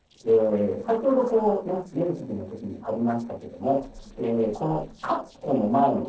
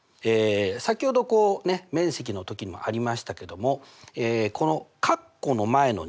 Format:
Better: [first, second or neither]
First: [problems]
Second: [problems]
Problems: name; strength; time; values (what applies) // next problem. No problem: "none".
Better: second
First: noise reduction (neural separator model SepFormer DNS4)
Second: none